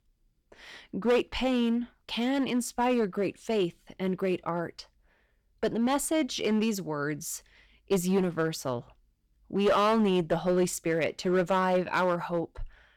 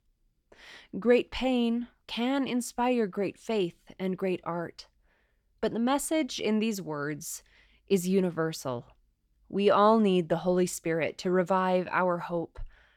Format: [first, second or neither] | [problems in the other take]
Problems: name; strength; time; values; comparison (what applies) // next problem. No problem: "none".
second | distortion; slight; 6% of the sound clipped